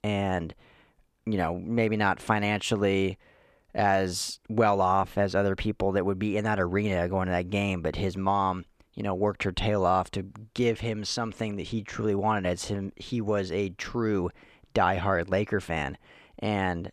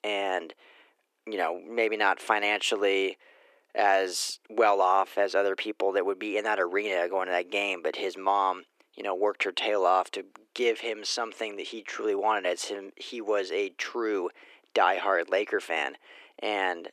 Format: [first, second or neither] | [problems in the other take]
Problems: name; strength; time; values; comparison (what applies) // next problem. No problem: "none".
first | thin; very; fading below 300 Hz